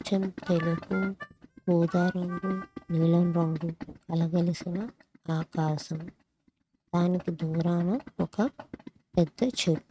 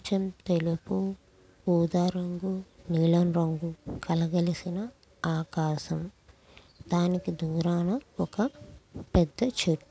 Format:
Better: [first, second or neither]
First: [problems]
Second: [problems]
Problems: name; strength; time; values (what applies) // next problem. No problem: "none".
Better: second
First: noise reduction (neural mask model RNNoise)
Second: none